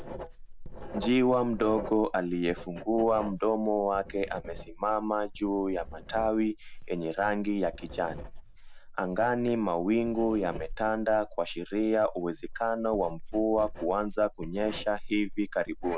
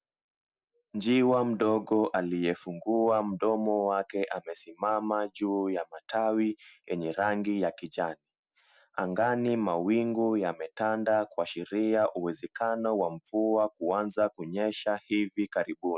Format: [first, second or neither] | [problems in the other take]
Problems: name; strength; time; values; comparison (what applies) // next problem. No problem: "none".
second | background sound (Writing); 12 dB below the speech